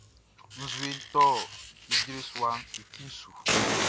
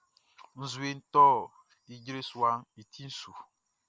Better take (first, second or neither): second